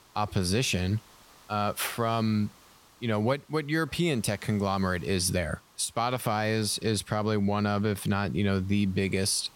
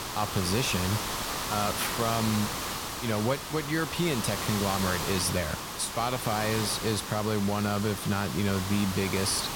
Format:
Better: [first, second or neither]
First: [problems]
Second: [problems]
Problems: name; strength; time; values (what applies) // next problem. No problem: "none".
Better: first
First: hiss; faint; throughout; 25 dB below the speech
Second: hiss; loud; throughout; 3 dB below the speech